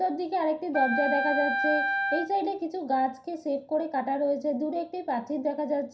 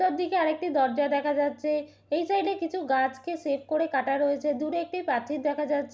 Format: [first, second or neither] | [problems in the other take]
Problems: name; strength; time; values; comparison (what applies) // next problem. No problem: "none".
second | background sound (Wind instrument, woodwind instrument); 1 dB below the speech // room echo; dies away in 0.3 s